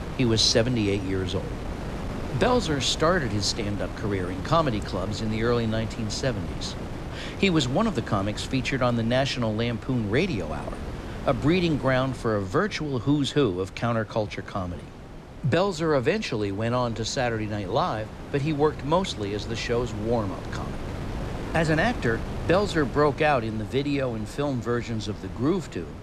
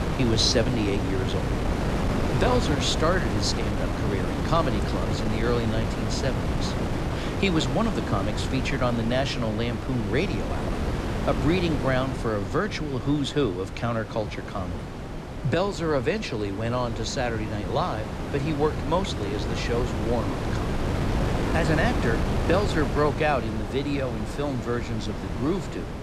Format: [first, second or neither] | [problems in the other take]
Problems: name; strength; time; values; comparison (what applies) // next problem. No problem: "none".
first | wind noise on the microphone; heavy; 5 dB below the speech; occasional gusts in the first